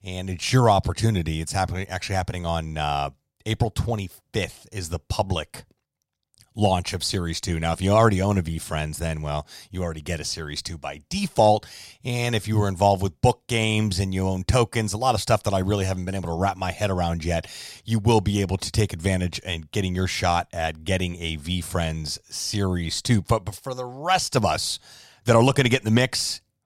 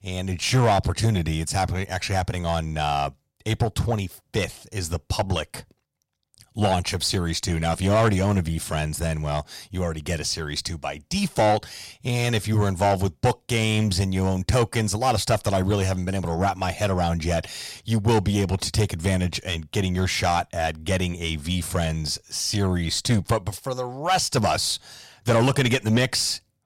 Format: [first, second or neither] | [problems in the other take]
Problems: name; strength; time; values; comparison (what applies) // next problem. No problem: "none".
first | distortion; slight; 10 dB below the speech